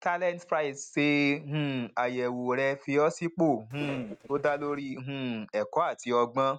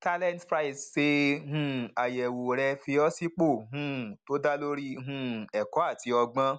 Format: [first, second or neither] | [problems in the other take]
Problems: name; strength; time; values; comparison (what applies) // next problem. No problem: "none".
second | noise reduction (neural mask model RNNoise)